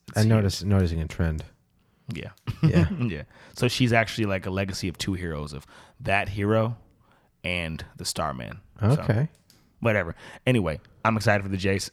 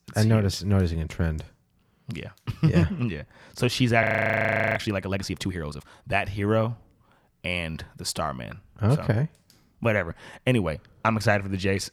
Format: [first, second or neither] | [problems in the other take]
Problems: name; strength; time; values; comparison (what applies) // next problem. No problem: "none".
first | audio freezing; at 4 s for 0.5 s